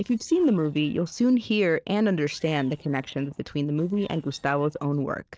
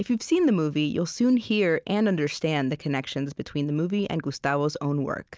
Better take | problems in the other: second | noise reduction (neural separator model SepFormer DNS4)

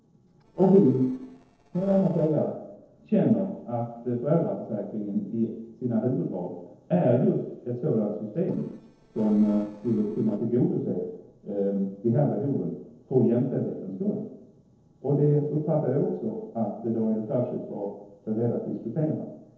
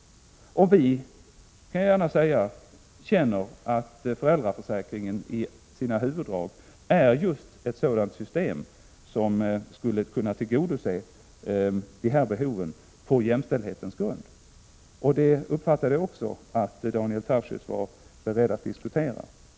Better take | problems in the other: second | noise reduction (neural separator model SepFormer DNS4)

